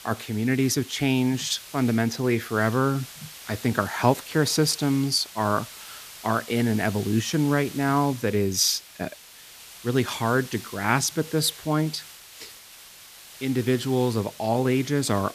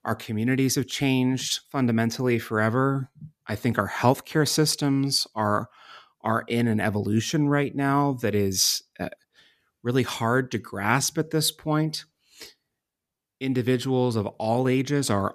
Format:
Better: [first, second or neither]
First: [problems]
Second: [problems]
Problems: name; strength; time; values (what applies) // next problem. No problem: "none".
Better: second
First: hiss; noticeable; throughout; 15 dB below the speech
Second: none